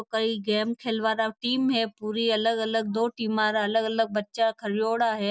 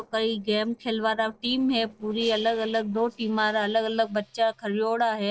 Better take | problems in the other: first | noise reduction (neural separator model SepFormer DNS4)

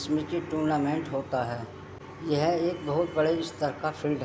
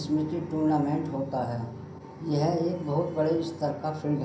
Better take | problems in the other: first | room echo; dies away in 0.6 s

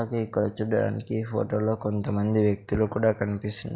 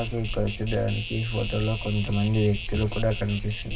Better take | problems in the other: first | background sound (Insect); 6 dB below the speech // room echo; dies away in 0.4 s

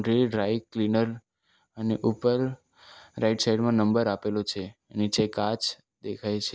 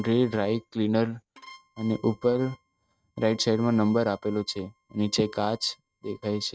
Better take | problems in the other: first | noise reduction (neural mask model RNNoise)

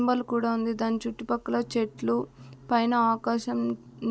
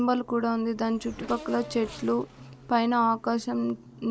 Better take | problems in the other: first | background sound (Race car, auto racing / Accelerating, revving, vroom); 19 dB below the speech

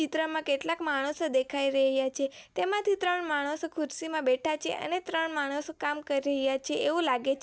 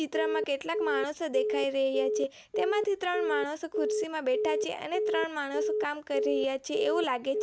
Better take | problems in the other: first | background sound (Telephone); as loud as the speech

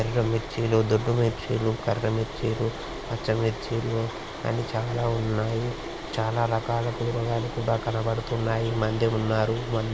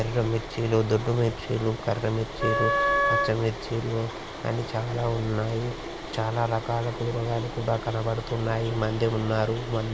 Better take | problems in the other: first | background sound (Wind instrument, woodwind instrument); 1 dB above the speech

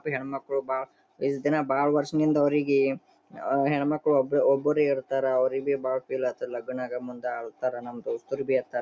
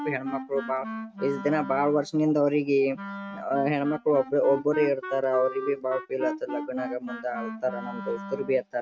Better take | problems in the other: first | noise reduction (neural mask model RNNoise)

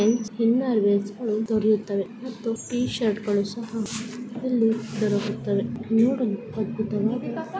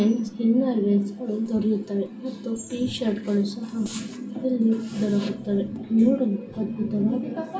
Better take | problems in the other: first | room echo; dies away in 0.2 s

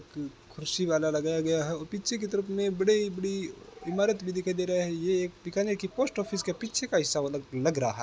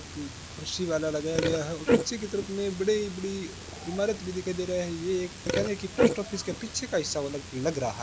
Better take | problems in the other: first | background sound (Burping, eructation); 2 dB below the speech

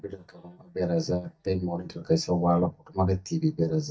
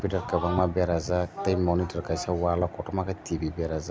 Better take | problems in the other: second | noise reduction (neural mask model DeepFilterNet 3)

